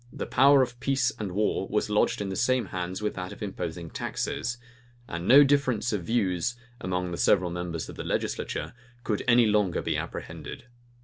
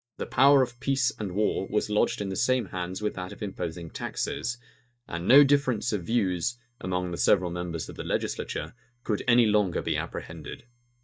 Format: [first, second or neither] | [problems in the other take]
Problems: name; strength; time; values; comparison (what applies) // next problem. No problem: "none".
first | noise reduction (neural mask model DeepFilterNet 3)